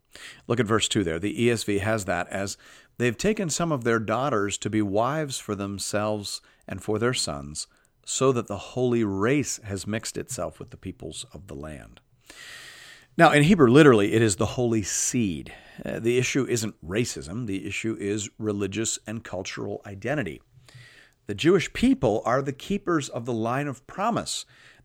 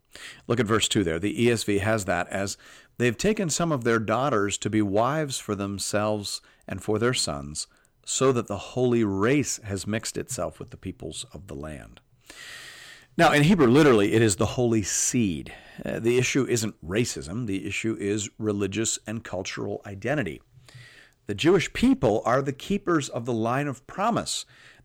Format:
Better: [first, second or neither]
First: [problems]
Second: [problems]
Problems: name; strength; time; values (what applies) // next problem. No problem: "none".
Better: first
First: none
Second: distortion; slight; 1.5% of the sound clipped